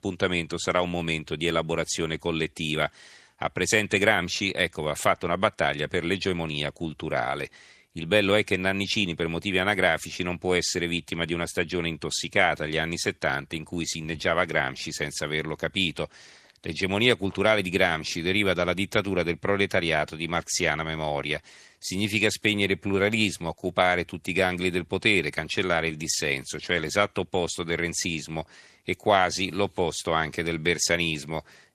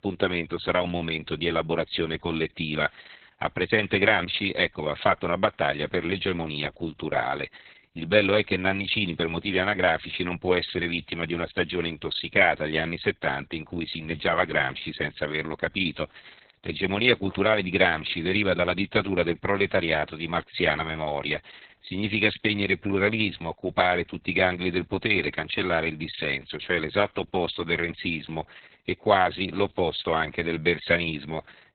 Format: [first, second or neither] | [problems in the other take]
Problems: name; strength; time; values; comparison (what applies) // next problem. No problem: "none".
first | garbled, watery; badly; nothing above 4 kHz; slightly in the first